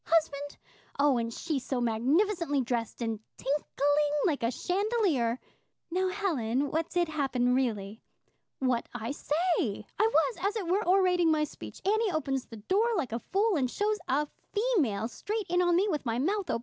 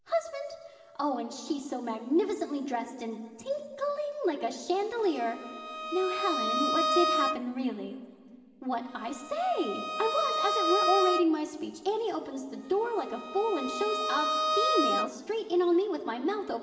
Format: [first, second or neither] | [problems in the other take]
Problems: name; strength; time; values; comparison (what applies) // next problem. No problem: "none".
first | background sound (Bowed string instrument); 1 dB below the speech // room echo; dies away in 2.8 s